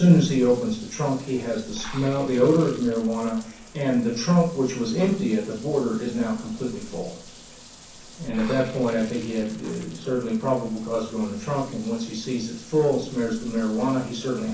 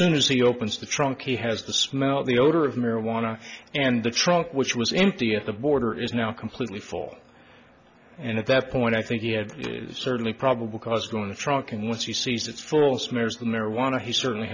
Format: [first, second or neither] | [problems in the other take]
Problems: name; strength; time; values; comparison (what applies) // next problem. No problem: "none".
second | background sound (Bathtub (filling or washing) / Water); 19 dB below the speech // room echo; dies away in 0.6 s